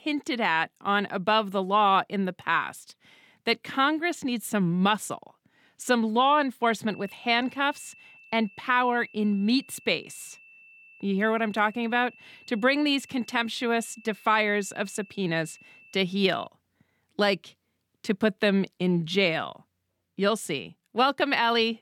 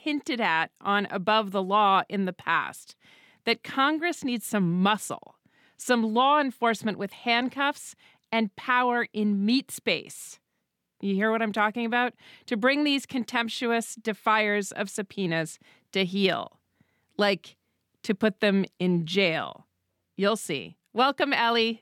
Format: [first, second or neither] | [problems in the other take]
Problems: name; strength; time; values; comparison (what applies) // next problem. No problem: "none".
second | high-pitched whine; faint; from 7 to 16 s; 2.5 kHz, 25 dB below the speech